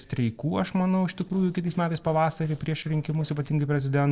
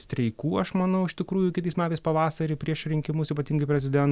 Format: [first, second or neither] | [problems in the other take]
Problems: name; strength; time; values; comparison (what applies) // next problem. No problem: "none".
second | noise reduction (neural separator model SepFormer DNS4)